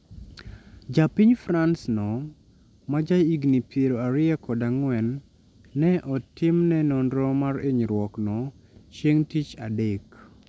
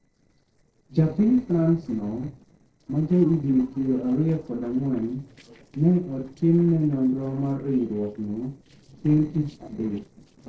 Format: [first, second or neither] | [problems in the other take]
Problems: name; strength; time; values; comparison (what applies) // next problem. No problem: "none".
first | noise reduction (neural separator model SepFormer DNS4)